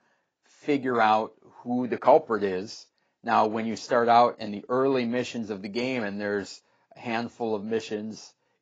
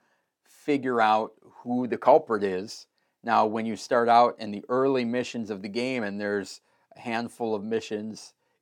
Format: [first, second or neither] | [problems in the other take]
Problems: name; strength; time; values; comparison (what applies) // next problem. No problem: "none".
second | garbled, watery; badly; nothing above 7.5 kHz